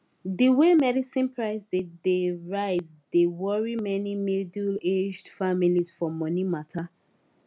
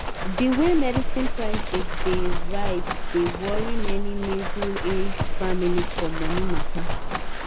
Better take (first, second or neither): first